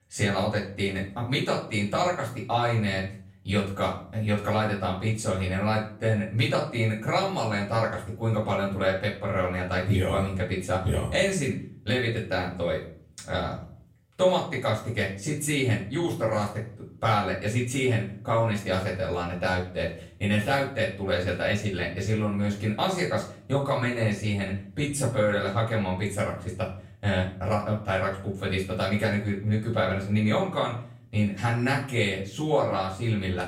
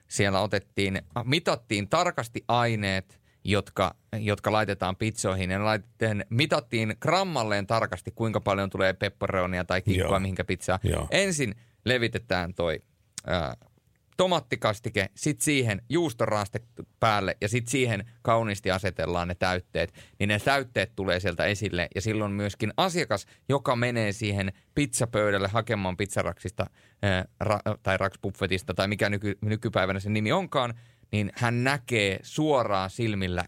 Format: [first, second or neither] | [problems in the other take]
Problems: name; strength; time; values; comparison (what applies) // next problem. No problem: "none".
second | room echo; slight; dies away in 0.5 s // off-mic speech; far